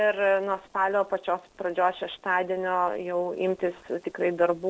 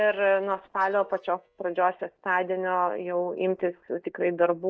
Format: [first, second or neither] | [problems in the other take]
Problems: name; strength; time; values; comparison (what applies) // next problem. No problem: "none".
first | noise reduction (neural mask model DeepFilterNet 3)